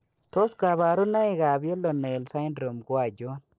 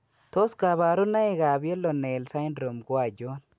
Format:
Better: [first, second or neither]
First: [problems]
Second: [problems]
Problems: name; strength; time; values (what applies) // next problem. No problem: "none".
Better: second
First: noise reduction (neural separator model SepFormer DNS4)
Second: none